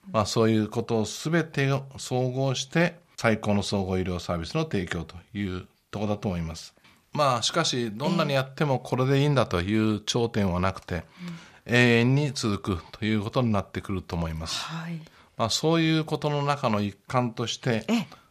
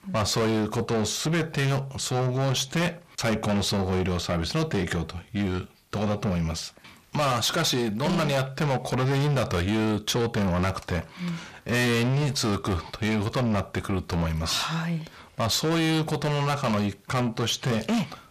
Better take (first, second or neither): first